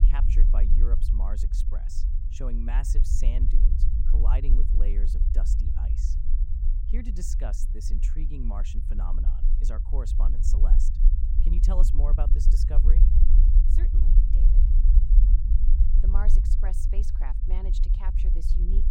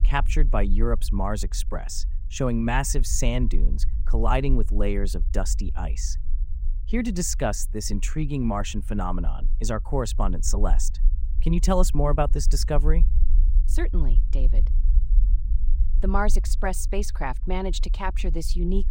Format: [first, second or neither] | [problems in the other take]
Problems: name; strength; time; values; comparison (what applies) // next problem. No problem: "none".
second | low rumble; loud; throughout; 3 dB below the speech; faint in the second